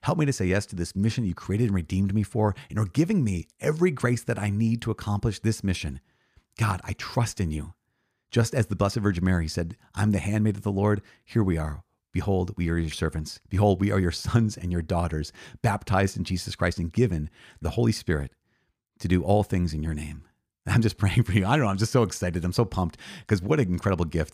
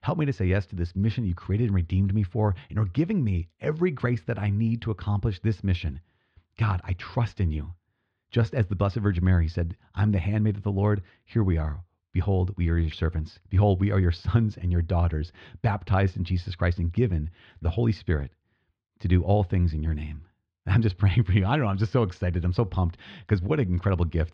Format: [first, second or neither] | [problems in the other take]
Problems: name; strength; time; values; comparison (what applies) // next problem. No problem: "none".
first | muffled; slightly; fading above 3.5 kHz